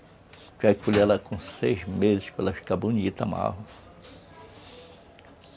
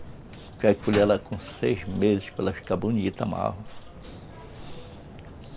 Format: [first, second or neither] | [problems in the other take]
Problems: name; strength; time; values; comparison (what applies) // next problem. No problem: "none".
first | background sound (Bird / Insect + Fire); 15 dB below the speech